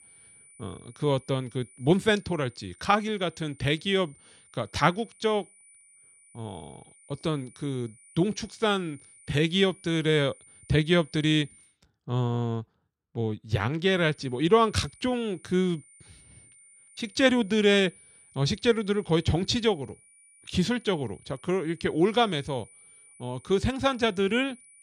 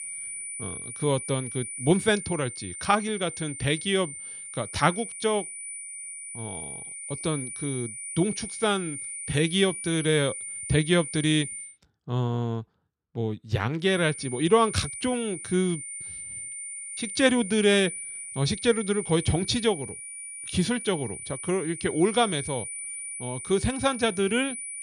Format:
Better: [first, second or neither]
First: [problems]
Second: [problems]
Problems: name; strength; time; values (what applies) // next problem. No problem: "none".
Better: first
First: high-pitched whine; faint; until 12 s and from 14 s on; 9.5 kHz, 25 dB below the speech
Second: high-pitched whine; loud; until 12 s and from 14 s on; 9.5 kHz, 8 dB below the speech